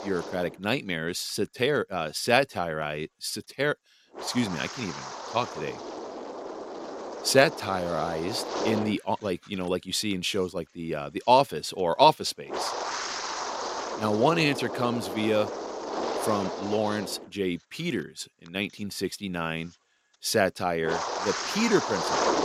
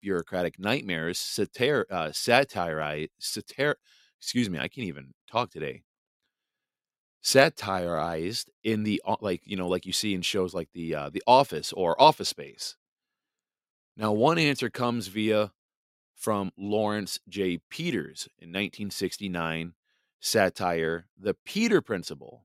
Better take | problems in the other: second | wind noise on the microphone; heavy; 5 dB below the speech

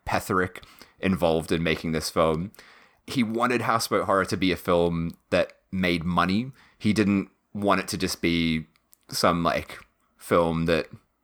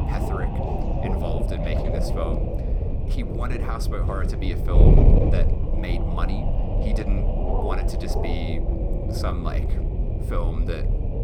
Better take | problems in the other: first | wind noise on the microphone; heavy; 2 dB above the speech

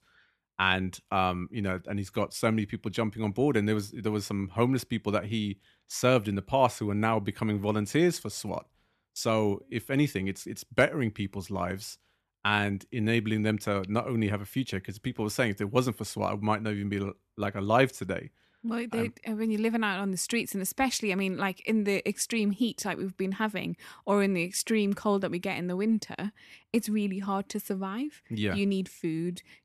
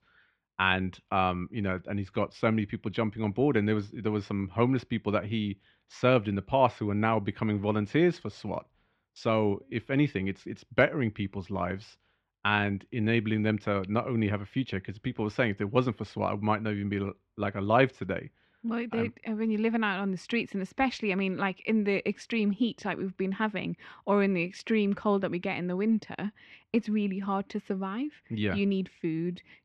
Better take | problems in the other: first | muffled; slightly; fading above 3.5 kHz

